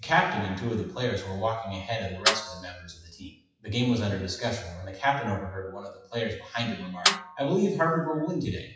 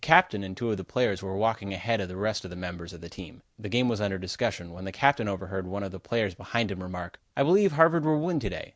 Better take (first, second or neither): second